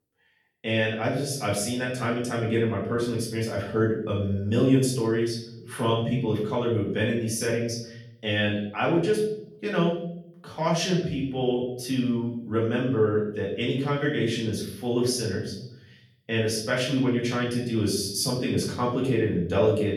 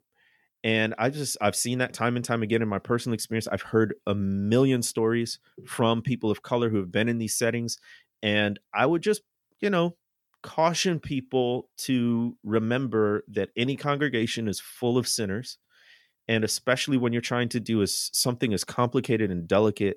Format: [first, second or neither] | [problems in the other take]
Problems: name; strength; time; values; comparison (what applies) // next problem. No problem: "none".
second | room echo; noticeable; dies away in 0.8 s // off-mic speech; far